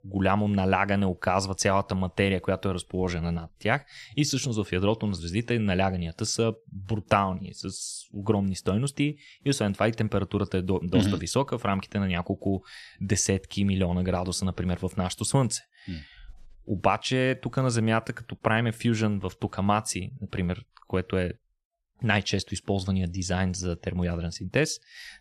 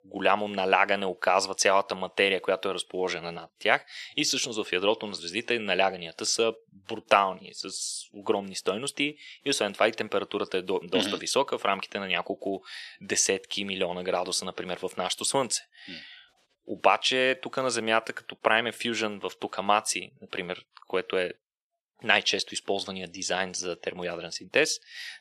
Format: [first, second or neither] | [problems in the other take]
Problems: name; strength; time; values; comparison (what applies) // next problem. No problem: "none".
first | thin; somewhat; fading below 450 Hz